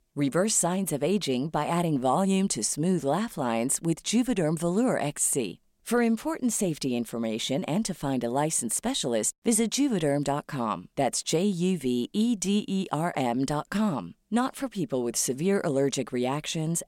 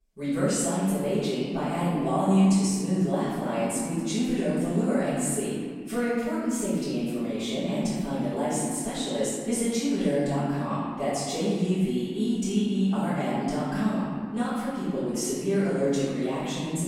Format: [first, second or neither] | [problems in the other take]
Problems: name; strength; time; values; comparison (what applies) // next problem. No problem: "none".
first | off-mic speech; far // room echo; strong; dies away in 2.1 s